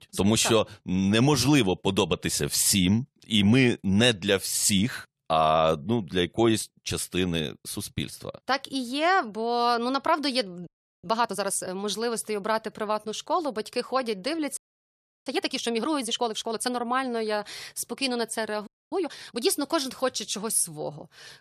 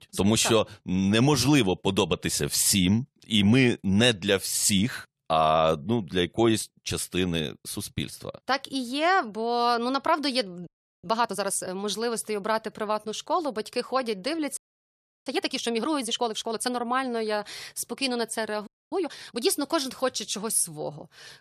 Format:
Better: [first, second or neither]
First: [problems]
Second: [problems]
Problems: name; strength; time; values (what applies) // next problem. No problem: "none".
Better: neither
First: audio freezing; at 11 s, at 15 s for 0.5 s and at 19 s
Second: audio freezing; at 11 s, at 15 s for 0.5 s and at 19 s